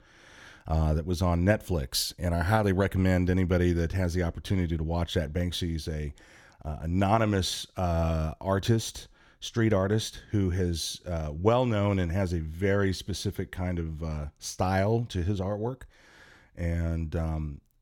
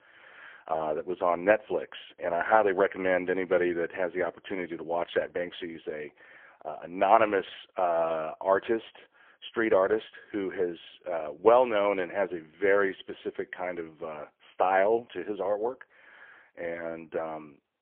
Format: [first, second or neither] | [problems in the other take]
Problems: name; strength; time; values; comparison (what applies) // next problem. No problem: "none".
first | phone-call audio; poor line; nothing above 3.5 kHz